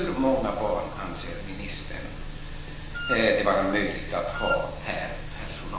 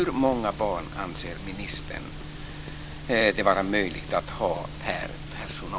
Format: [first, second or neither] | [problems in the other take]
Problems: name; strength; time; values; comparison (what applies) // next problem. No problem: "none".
second | background sound (Wind instrument, woodwind instrument); 5 dB below the speech // room echo; dies away in 0.9 s